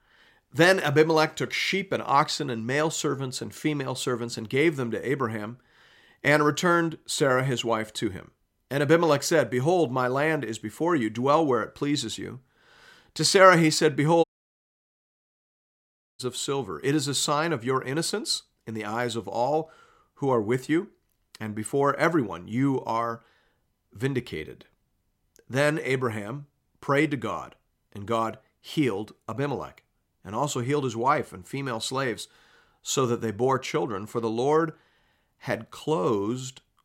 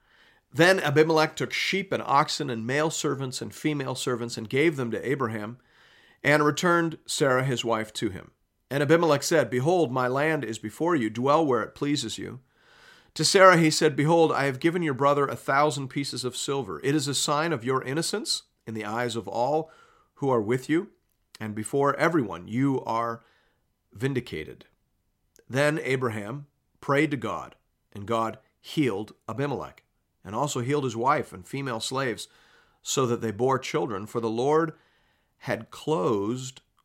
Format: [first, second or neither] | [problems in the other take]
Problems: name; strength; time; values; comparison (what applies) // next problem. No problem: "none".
second | audio cutting out; at 14 s for 2 s